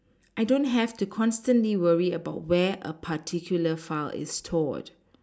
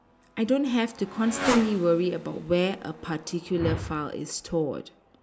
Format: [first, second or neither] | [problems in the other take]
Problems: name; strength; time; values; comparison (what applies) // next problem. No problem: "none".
first | background sound (Whoosh, swoosh, swish + Motorcycle); 8 dB below the speech